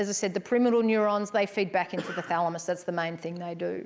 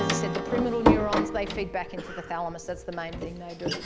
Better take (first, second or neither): first